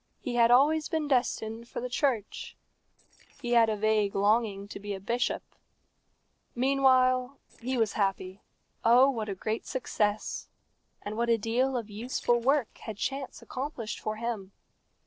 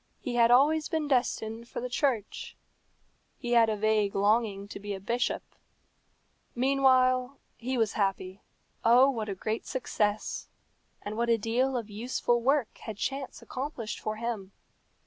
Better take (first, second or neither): second